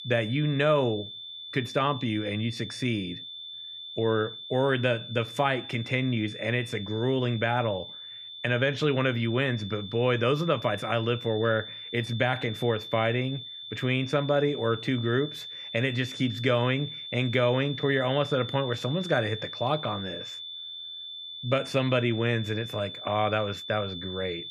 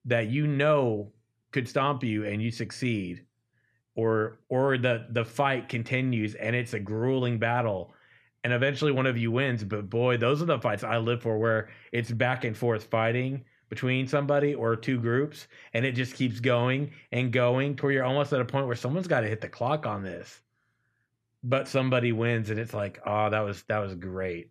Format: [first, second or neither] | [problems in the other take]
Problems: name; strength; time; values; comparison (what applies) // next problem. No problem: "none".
second | high-pitched whine; noticeable; throughout; 3.5 kHz, 10 dB below the speech